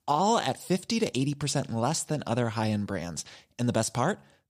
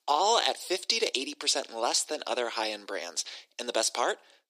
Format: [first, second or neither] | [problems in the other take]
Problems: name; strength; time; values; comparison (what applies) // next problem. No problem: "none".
first | thin; very; fading below 350 Hz